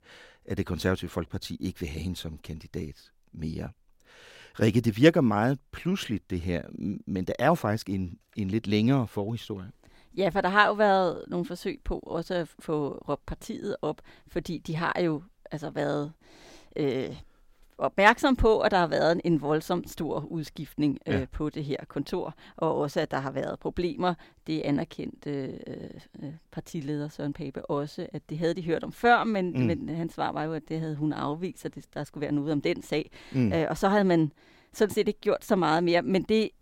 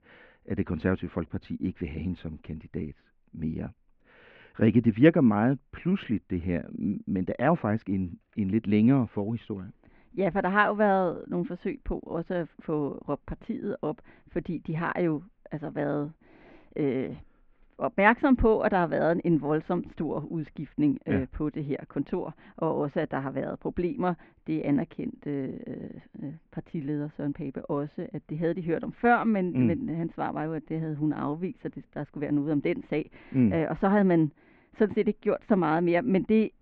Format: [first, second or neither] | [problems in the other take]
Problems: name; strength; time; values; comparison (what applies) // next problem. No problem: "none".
first | muffled; very; fading above 2.5 kHz